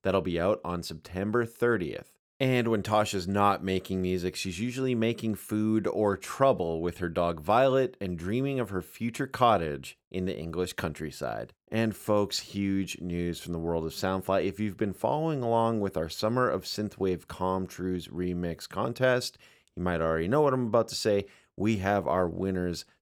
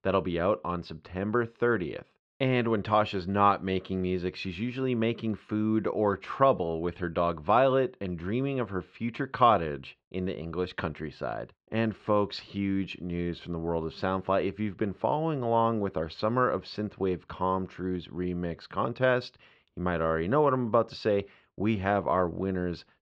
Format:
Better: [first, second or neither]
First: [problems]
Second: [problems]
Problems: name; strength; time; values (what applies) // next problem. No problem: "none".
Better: first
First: none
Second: muffled; slightly; fading above 4 kHz